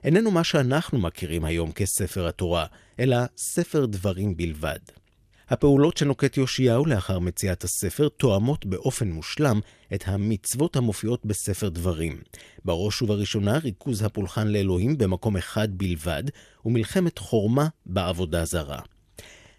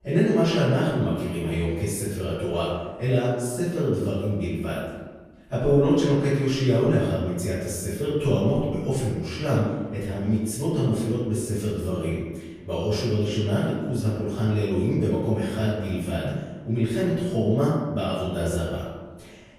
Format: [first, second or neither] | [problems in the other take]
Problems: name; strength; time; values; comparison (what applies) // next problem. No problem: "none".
first | room echo; strong; dies away in 1.3 s // off-mic speech; far